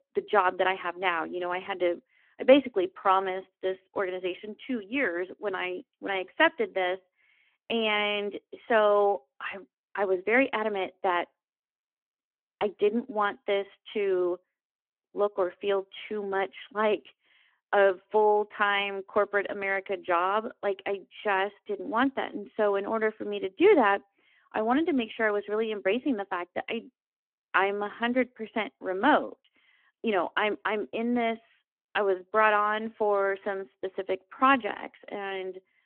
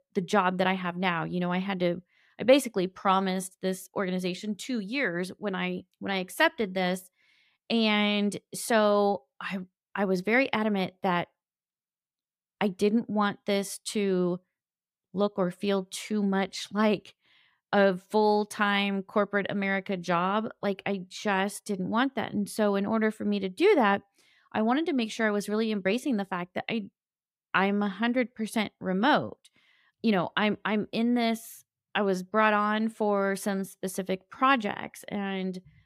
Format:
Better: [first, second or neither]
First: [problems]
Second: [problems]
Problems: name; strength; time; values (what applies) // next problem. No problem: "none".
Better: second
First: phone-call audio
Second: none